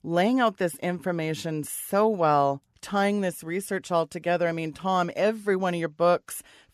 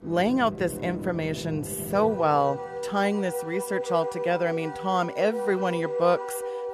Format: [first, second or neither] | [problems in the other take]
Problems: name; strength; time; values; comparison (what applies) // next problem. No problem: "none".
first | background music; loud; throughout; 7 dB below the speech